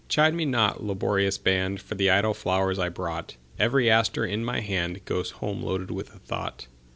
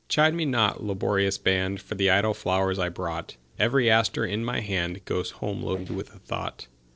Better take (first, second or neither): first